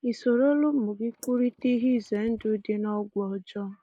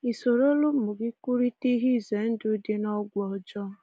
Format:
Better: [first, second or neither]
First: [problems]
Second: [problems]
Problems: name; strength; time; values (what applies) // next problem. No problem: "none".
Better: second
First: noise reduction (neural mask model Resemble Enhance denoiser)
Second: none